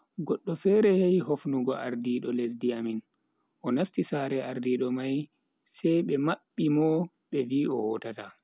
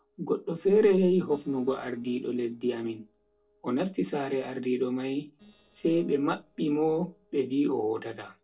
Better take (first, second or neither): first